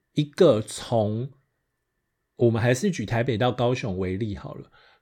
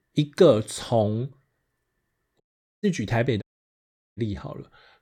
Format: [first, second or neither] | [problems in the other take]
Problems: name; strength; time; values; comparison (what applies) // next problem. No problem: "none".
first | audio cutting out; at 2.5 s and at 3.5 s for 0.5 s